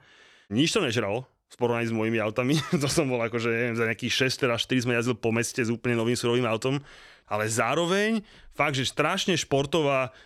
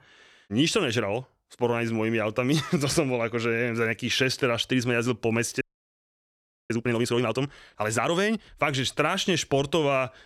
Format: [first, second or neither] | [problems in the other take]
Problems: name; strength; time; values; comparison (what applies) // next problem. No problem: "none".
first | audio freezing; at 5.5 s for 1 s